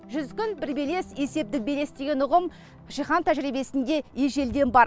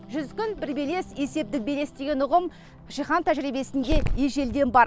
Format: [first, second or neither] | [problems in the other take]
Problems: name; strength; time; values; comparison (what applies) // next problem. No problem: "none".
first | background sound (Growling); 7 dB below the speech